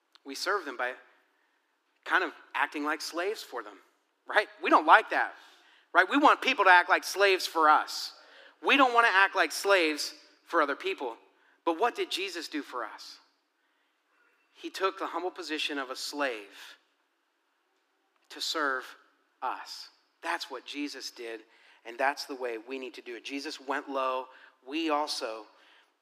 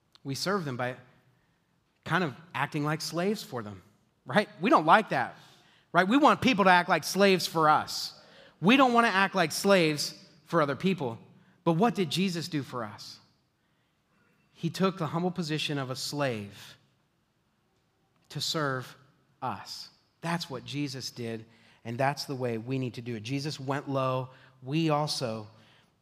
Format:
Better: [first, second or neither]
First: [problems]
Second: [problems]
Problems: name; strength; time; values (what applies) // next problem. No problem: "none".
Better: second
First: thin; somewhat; fading below 300 Hz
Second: none